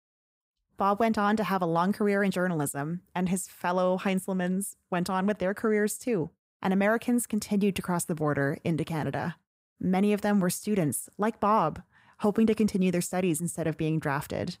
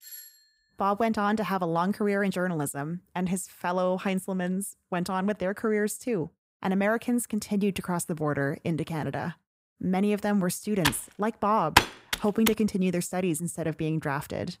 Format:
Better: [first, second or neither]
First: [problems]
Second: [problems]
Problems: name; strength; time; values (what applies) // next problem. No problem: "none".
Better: first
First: none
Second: doorbell; faint; at the start; peak 15 dB below the speech // keyboard typing; loud; from 11 to 12 s; peak 6 dB above the speech